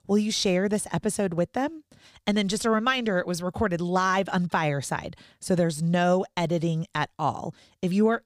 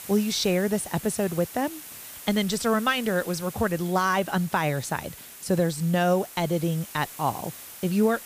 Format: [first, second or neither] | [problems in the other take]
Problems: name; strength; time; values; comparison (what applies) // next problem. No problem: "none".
first | hiss; noticeable; throughout; 15 dB below the speech